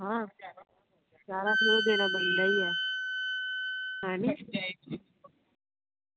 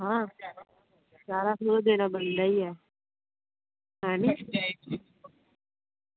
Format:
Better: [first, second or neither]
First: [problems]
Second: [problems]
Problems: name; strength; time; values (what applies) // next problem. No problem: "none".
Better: second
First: background sound (Wind instrument, woodwind instrument); 4 dB above the speech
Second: none